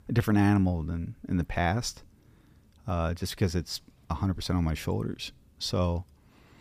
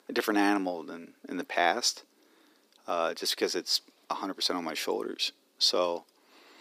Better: first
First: none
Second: thin; very; fading below 300 Hz

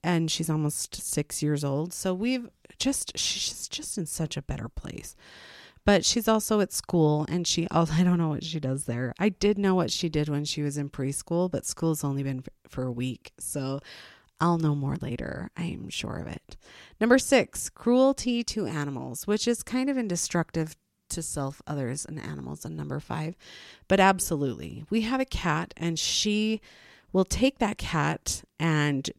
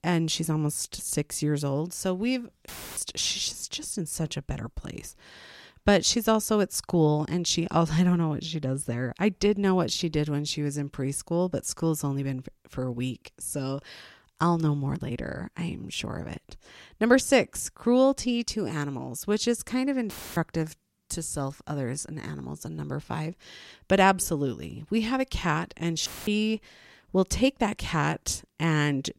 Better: first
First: none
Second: audio cutting out; filled with static; at 2.5 s, at 20 s and at 26 s

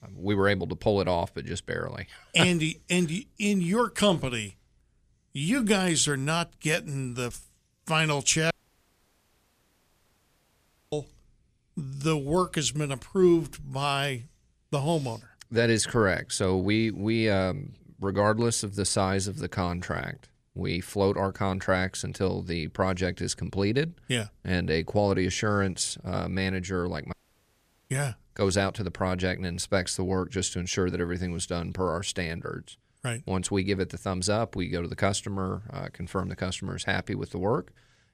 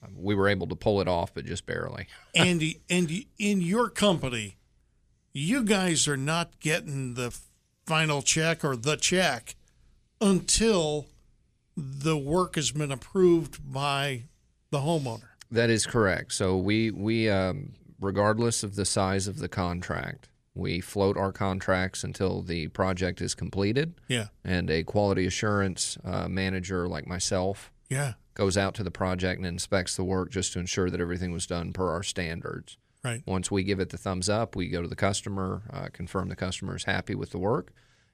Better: second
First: audio cutting out; at 8.5 s for 2.5 s and at 27 s for 1 s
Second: none

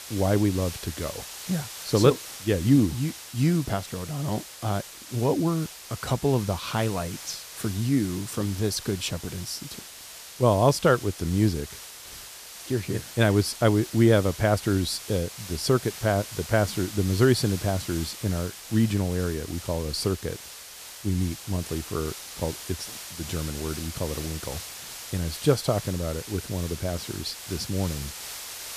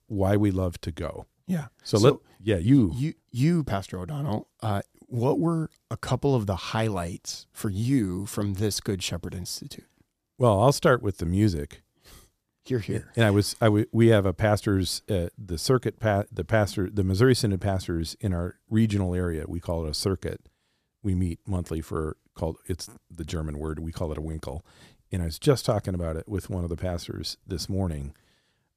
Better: second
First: hiss; noticeable; throughout; 10 dB below the speech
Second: none

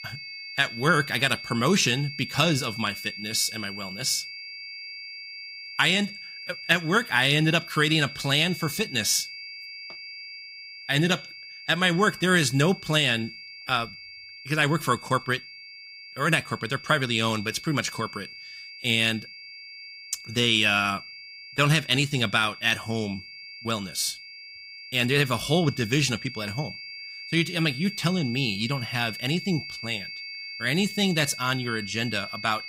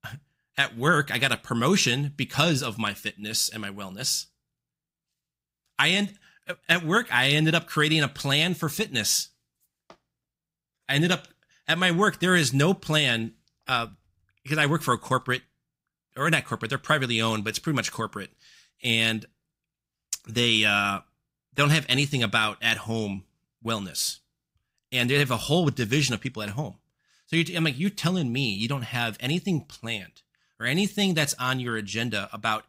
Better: second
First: high-pitched whine; noticeable; throughout; 2 kHz, 15 dB below the speech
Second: none

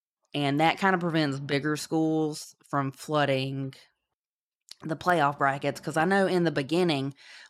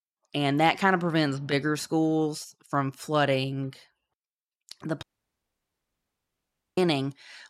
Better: first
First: none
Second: audio cutting out; at 5 s for 1.5 s

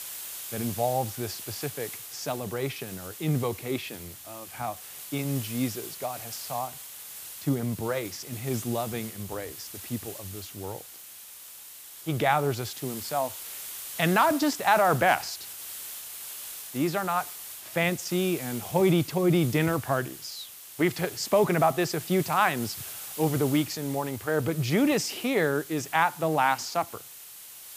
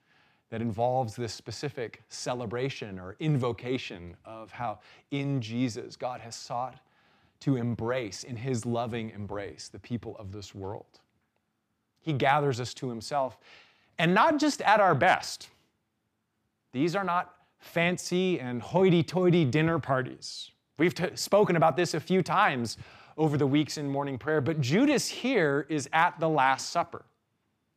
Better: second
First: hiss; noticeable; throughout; 10 dB below the speech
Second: none

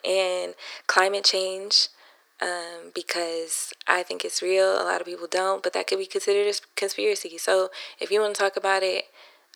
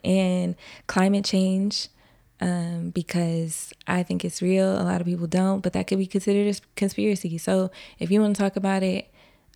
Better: second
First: thin; very; fading below 350 Hz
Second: none

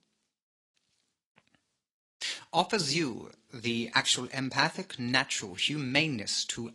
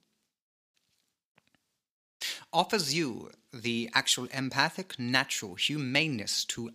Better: second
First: garbled, watery; slightly; nothing above 10.5 kHz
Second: none

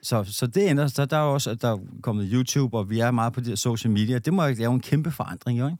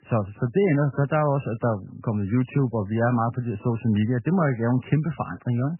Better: first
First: none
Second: garbled, watery; badly; nothing above 3 kHz

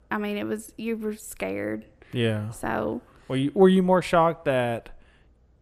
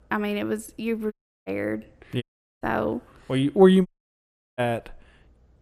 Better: first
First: none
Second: audio cutting out; at 1 s, at 2 s and at 4 s for 0.5 s

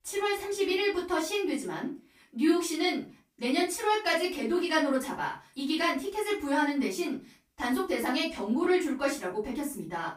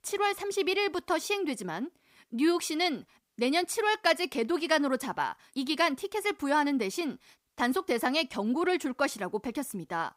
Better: second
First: off-mic speech; far // room echo; slight; dies away in 0.3 s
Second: none

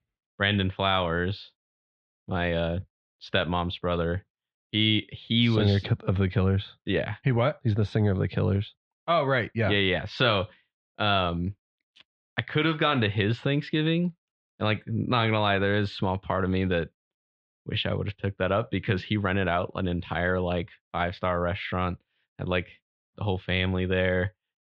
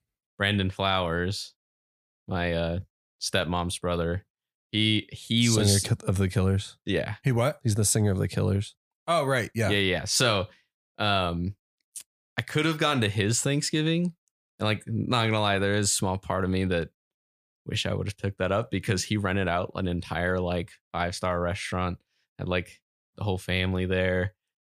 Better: second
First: muffled; very; fading above 3.5 kHz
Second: none

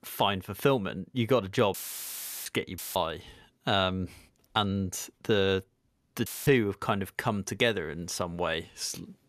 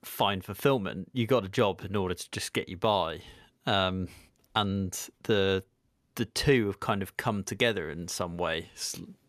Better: second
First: audio cutting out; filled with static; at 1.5 s for 0.5 s, at 3 s and at 6.5 s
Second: none

